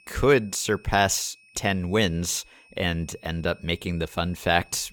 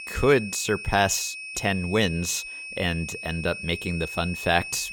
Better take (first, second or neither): first